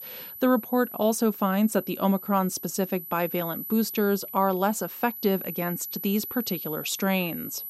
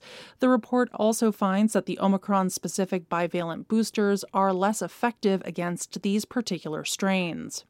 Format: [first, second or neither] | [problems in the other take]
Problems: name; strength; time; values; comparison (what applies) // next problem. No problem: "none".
second | high-pitched whine; loud; throughout; 12 kHz, 9 dB below the speech